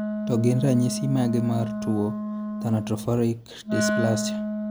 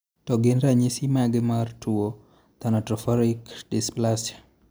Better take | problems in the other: second | background sound (Wind instrument, woodwind instrument); 3 dB below the speech

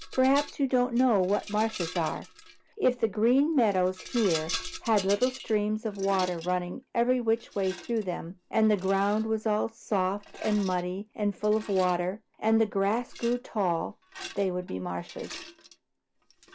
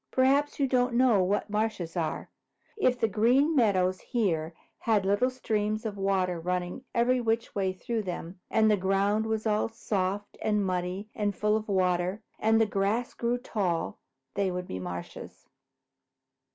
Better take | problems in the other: second | background sound (Rattle); 16 dB below the speech

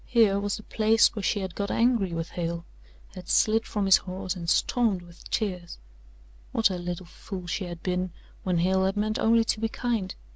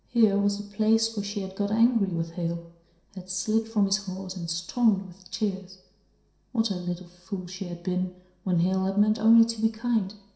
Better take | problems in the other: first | room echo; dies away in 0.7 s

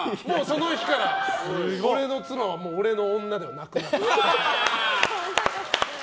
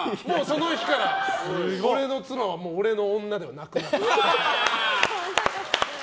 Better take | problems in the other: second | background sound (Wind instrument, woodwind instrument); 16 dB below the speech

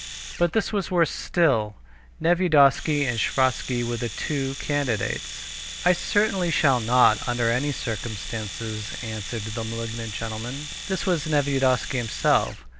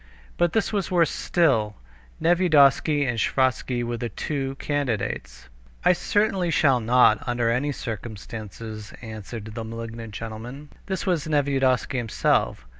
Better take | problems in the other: second | background sound (Domestic sounds, home sounds); 12 dB below the speech

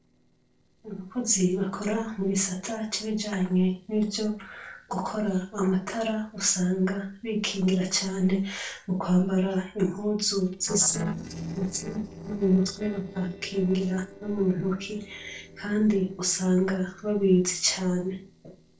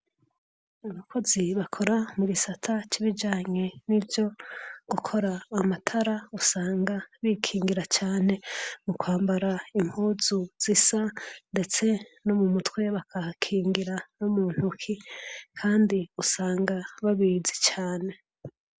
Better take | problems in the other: second | noise reduction (neural separator model SepFormer DNS4)

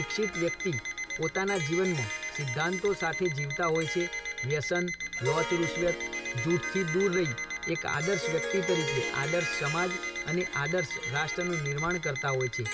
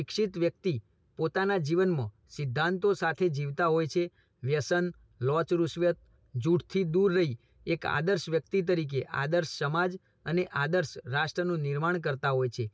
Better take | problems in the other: second | background sound (Alarm + Harp); 3 dB below the speech

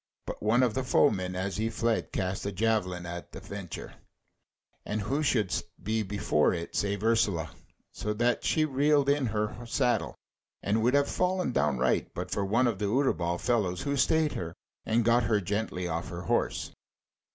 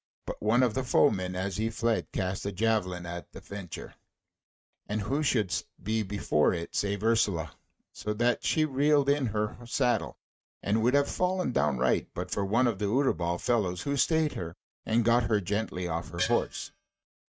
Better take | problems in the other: first | noise reduction (neural mask model RNNoise)

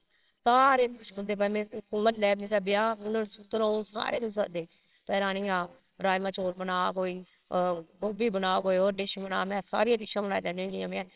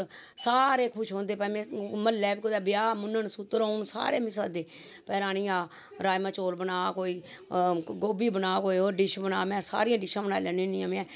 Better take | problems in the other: second | noise reduction (neural separator model SepFormer WHAMR!)

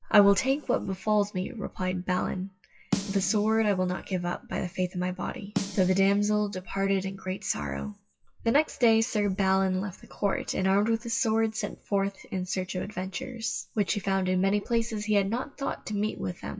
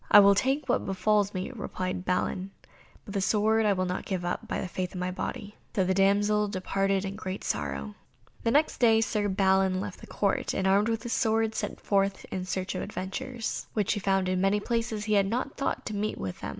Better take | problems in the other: second | noise reduction (classical method WPE with log-MMSE)

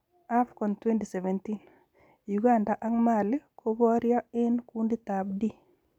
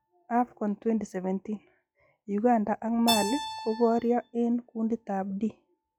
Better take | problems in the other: first | noise reduction (classical method log-MMSE)

